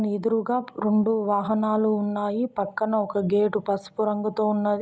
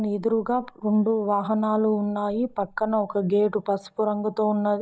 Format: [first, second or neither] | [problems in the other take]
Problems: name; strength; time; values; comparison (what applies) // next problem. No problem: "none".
first | noise reduction (neural mask model DeepFilterNet 3)